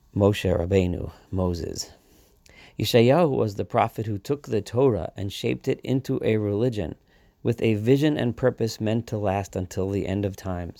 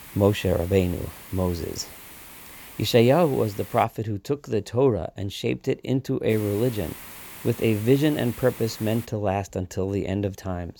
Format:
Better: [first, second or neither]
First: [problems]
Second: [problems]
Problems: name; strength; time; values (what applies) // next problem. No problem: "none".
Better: first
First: none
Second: hiss; noticeable; until 4 s and from 6.5 to 9 s; 15 dB below the speech